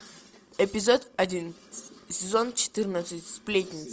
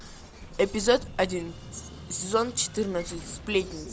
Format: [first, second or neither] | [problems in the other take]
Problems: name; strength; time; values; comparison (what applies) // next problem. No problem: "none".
first | background sound (Explosion); 14 dB below the speech